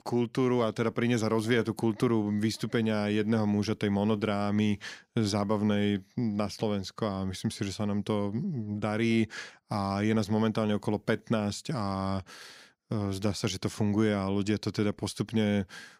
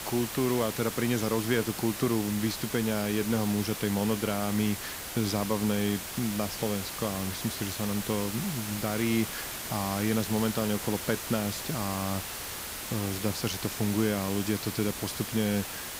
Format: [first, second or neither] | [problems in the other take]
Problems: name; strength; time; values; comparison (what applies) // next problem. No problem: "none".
first | hiss; loud; throughout; 5 dB below the speech